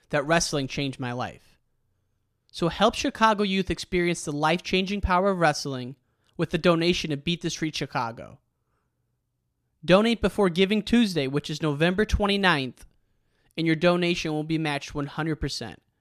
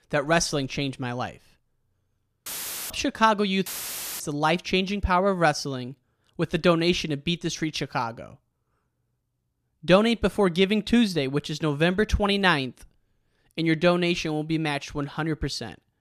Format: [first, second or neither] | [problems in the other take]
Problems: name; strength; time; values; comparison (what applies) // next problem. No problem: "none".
first | audio cutting out; filled with static; at 2.5 s and at 3.5 s for 0.5 s